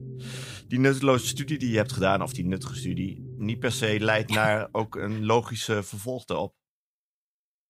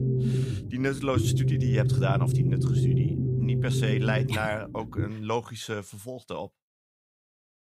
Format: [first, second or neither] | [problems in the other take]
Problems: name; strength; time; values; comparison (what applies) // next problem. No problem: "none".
first | low rumble; loud; until 5 s; 3 dB below the speech; faint in the first